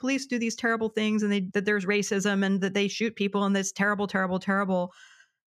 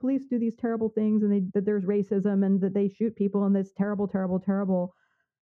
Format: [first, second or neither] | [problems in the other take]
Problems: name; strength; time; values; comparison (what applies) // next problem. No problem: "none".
first | muffled; very; fading above 1.5 kHz